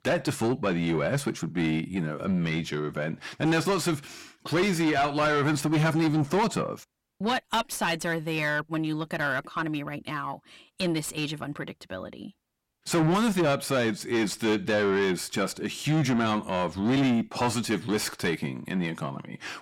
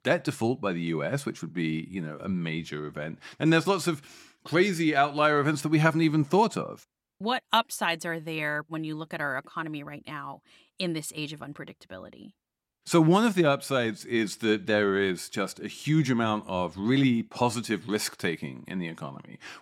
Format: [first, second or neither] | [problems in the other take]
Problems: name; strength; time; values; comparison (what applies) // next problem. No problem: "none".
second | distortion; heavy; 7 dB below the speech